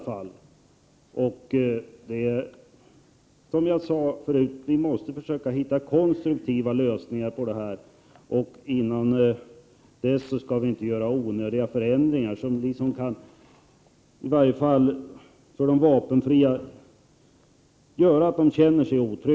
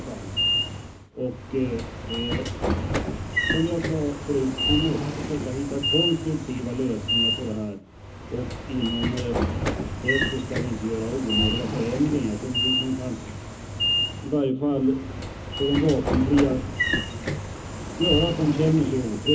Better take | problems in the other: first | background sound (Sliding door / Train); 1 dB below the speech // room echo; dies away in 0.4 s

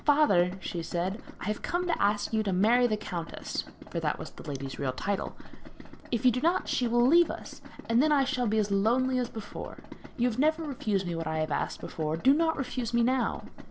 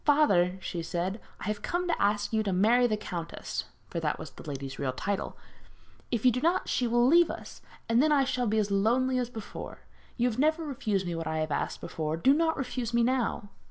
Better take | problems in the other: second | background sound (Idling); 18 dB below the speech

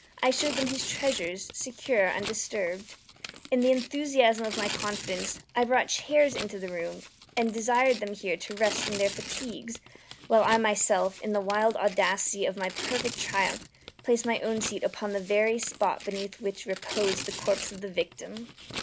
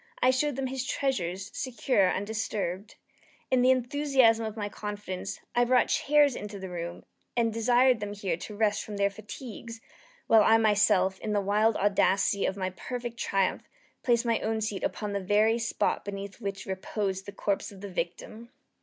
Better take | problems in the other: second | background sound (Tearing); 11 dB below the speech

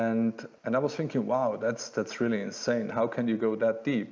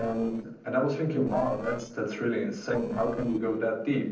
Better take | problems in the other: first | noise reduction (neural separator model SepFormer DNS4)

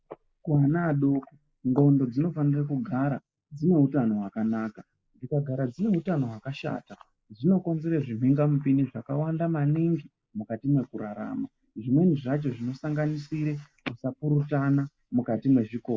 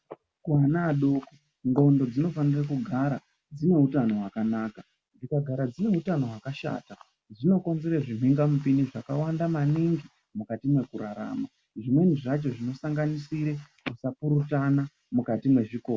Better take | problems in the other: second | noise reduction (neural mask model Resemble Enhance denoiser)

